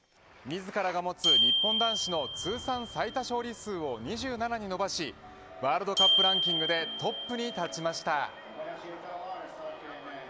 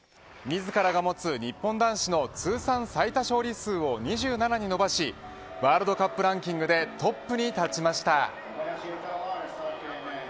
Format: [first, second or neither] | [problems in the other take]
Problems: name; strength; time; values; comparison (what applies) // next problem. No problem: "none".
second | background sound (Glockenspiel); 1 dB above the speech